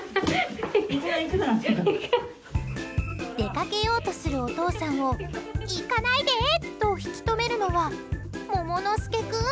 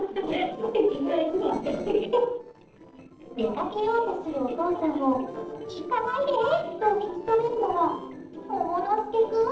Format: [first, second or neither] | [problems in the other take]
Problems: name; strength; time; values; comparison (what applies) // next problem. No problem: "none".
first | noise reduction (neural separator model SepFormer DNS4)